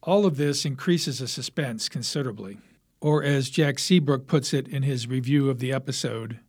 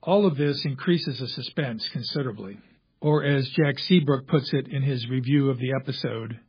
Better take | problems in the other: first | garbled, watery; badly; nothing above 4.5 kHz

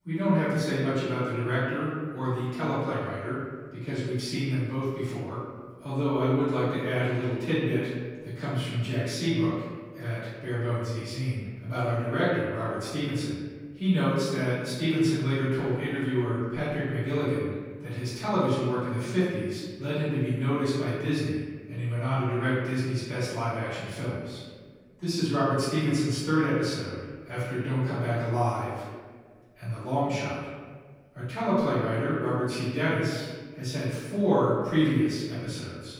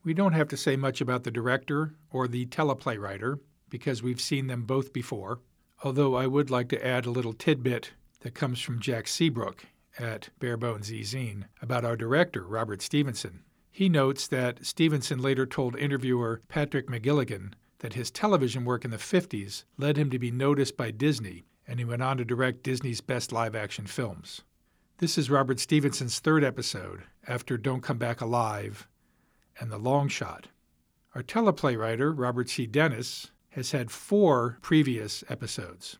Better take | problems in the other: second | off-mic speech; far // room echo; strong; dies away in 1.4 s

